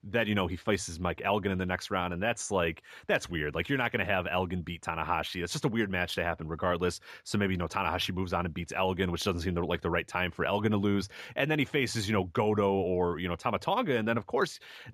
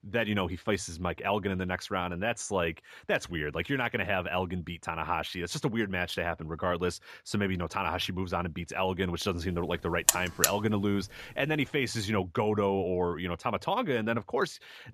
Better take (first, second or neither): first